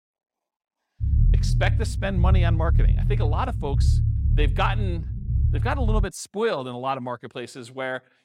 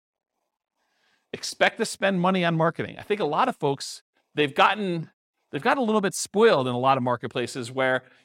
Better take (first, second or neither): second